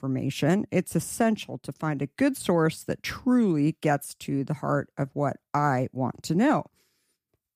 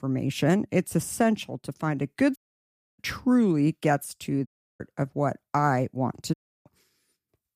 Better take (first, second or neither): first